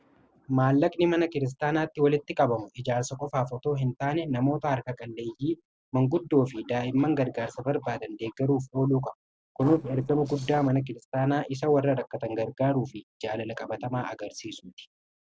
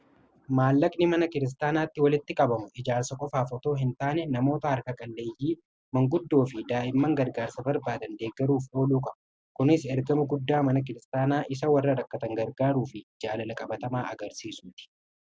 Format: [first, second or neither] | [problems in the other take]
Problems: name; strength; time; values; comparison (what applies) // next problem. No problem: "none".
second | noise reduction (neural separator model SepFormer DNS4)